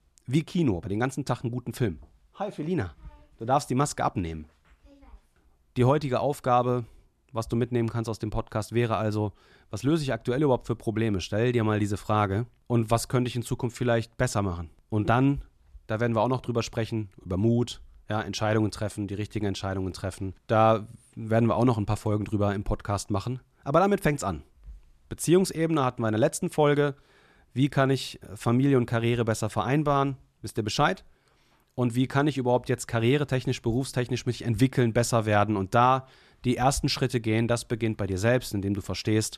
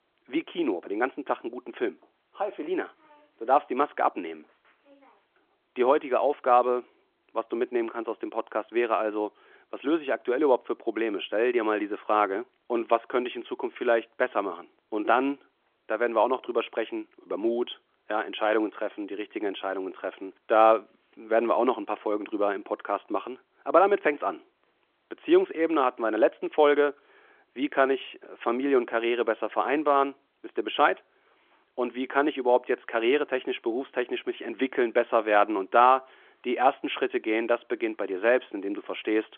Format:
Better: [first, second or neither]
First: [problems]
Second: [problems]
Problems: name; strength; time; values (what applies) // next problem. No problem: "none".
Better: first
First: none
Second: phone-call audio; nothing above 3.5 kHz